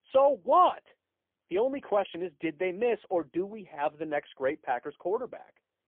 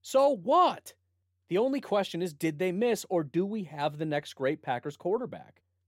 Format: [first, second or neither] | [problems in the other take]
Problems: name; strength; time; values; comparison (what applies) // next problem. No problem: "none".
second | phone-call audio; poor line; nothing above 3.5 kHz